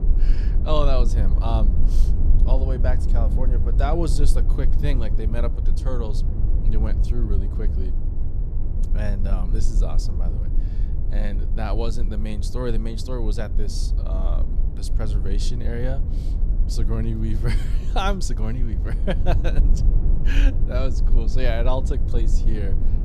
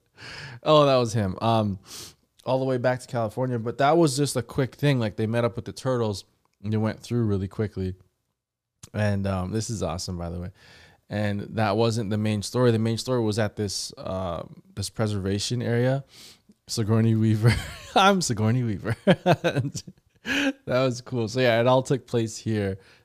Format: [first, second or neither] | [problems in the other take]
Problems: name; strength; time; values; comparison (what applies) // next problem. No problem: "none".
second | low rumble; loud; throughout; 10 dB below the speech